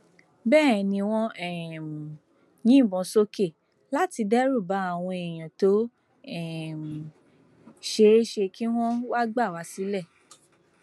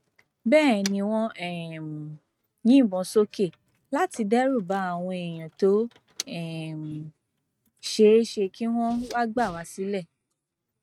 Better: first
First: none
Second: noise reduction (neural mask model RNNoise)

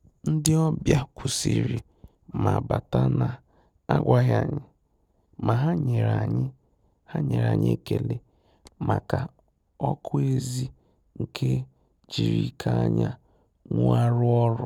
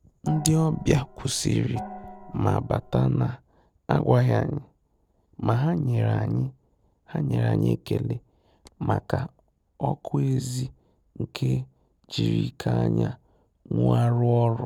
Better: first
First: none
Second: background sound (Gong); 15 dB below the speech

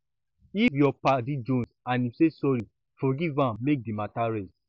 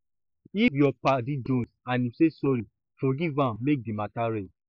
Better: first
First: none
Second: noise reduction (neural mask model Resemble Enhance denoiser)

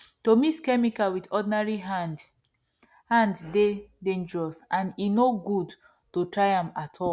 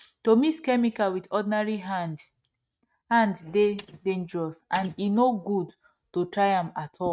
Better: first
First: none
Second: noise reduction (neural mask model RNNoise)

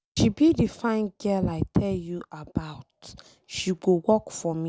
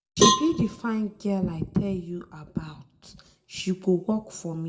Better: first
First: none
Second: background sound (Cowbell); 1 dB above the speech // room echo; dies away in 0.4 s

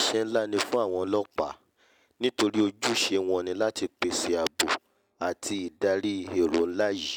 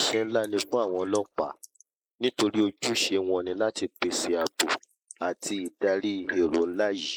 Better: first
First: none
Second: noise reduction (neural mask model Resemble Enhance denoiser)

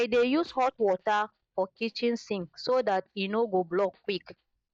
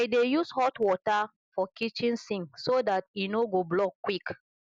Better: second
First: noise reduction (neural mask model DeepFilterNet 3)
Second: none

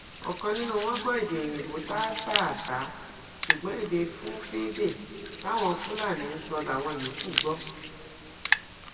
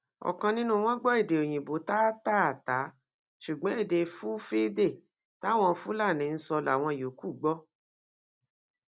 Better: second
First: background sound (Hands); 4 dB below the speech // room echo; dies away in 1.9 s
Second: none

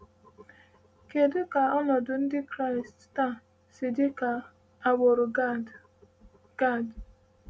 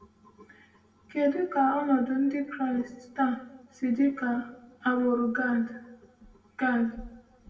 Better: first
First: none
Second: room echo; dies away in 0.7 s

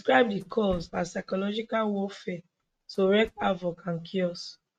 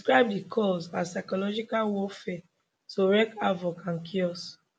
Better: second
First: noise reduction (neural mask model RNNoise)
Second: none

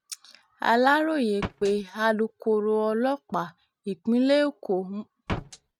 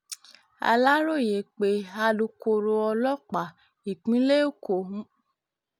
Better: second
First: noise reduction (neural mask model RNNoise)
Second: none

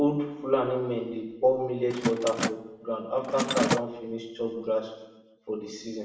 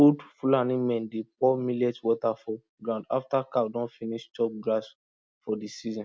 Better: second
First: background sound (Mechanisms); 4 dB below the speech // room echo; dies away in 0.9 s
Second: none

